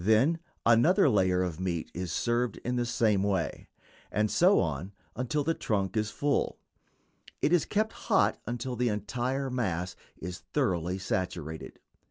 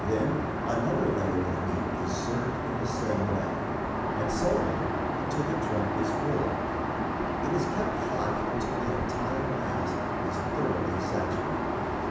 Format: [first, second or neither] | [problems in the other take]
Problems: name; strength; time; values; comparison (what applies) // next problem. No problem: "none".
first | background sound (Aircraft); 3 dB above the speech // room echo; dies away in 0.9 s